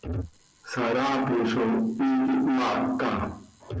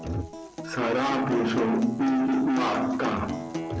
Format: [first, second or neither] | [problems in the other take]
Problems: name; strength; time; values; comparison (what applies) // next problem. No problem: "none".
first | background sound (Acoustic guitar); 9 dB below the speech